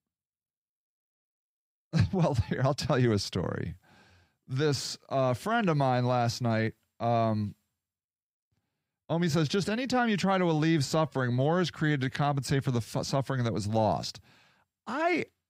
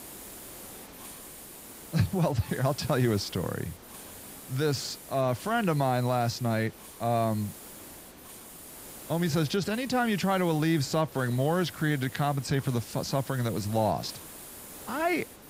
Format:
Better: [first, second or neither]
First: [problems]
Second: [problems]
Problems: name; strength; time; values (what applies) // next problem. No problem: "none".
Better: first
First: none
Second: hiss; noticeable; throughout; 15 dB below the speech